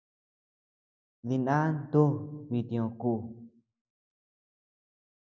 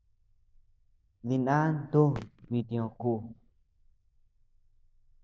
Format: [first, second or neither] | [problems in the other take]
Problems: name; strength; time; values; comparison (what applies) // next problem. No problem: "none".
first | noise reduction (neural diffusion model UNIVERSE++)